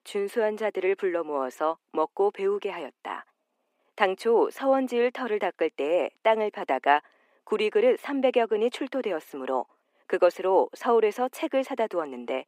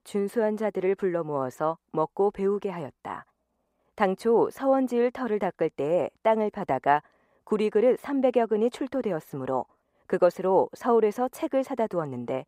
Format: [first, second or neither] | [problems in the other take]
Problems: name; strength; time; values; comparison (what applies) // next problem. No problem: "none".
second | thin; very slightly; fading below 250 Hz